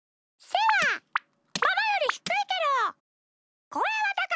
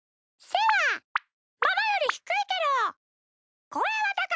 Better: second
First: background sound (Tools); 15 dB below the speech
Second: none

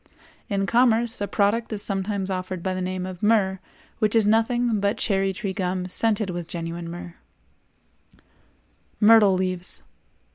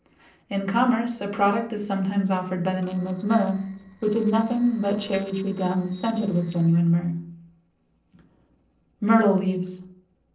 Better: first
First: none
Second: noise reduction (neural separator model SepFormer DNS4)

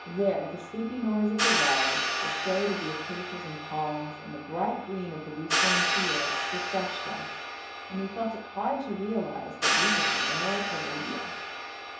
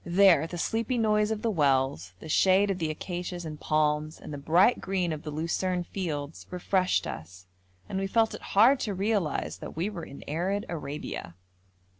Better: second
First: background sound (Hi-hat); 2 dB above the speech // room echo; dies away in 2.8 s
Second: none

